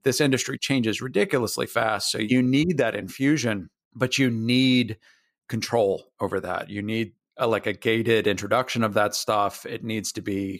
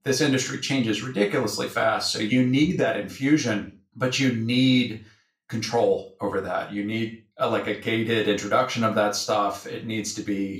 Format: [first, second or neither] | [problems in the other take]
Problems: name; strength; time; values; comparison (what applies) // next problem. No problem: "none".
first | room echo; slight; dies away in 0.3 s // off-mic speech; far